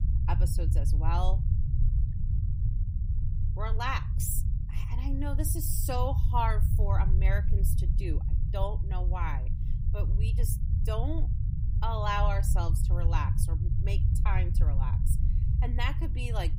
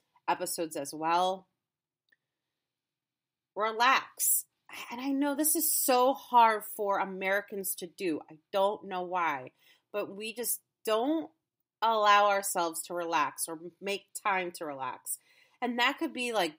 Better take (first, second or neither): second